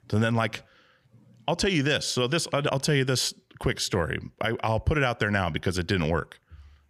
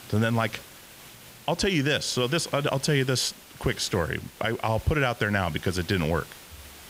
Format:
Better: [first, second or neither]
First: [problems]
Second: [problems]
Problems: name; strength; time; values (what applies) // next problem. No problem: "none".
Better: first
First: none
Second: hiss; noticeable; throughout; 20 dB below the speech